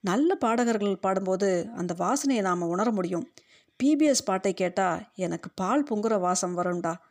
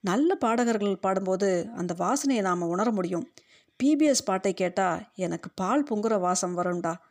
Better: neither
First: none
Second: none

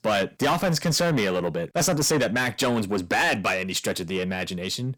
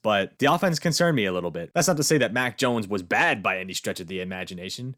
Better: second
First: distortion; heavy; 8 dB below the speech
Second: none

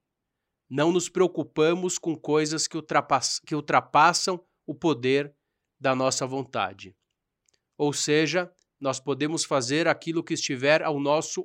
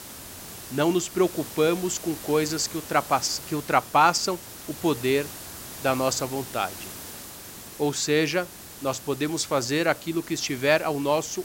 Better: first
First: none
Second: hiss; noticeable; throughout; 15 dB below the speech

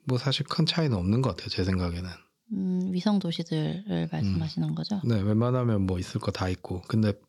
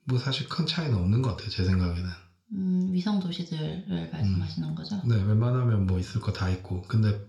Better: first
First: none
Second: room echo; very slight; dies away in 0.3 s // off-mic speech; somewhat distant

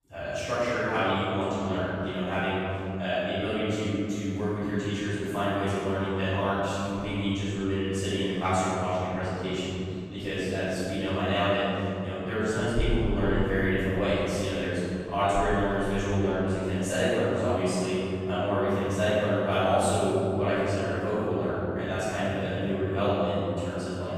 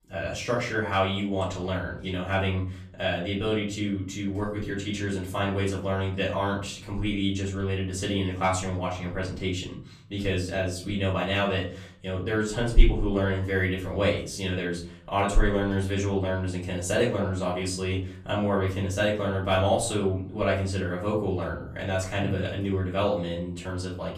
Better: second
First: room echo; strong; dies away in 2.9 s // off-mic speech; far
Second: room echo; slight; dies away in 0.5 s // off-mic speech; far

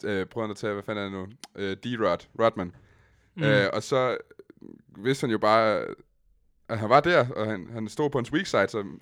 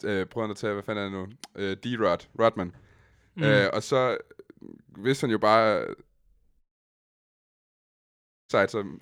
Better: first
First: none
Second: audio cutting out; at 6.5 s for 2 s

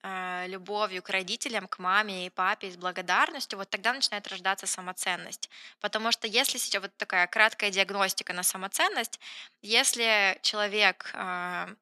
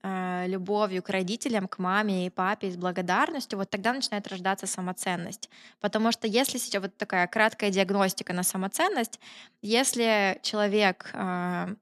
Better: second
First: thin; somewhat; fading below 900 Hz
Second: none

